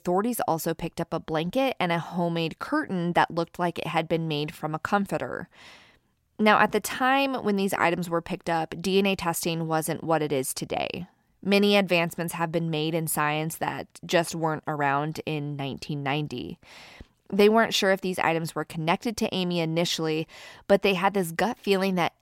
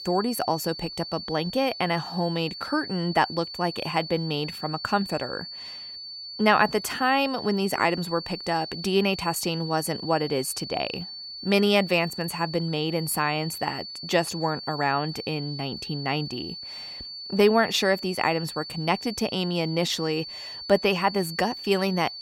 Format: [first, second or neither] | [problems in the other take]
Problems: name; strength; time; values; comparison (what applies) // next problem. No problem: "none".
first | high-pitched whine; loud; throughout; 4.5 kHz, 10 dB below the speech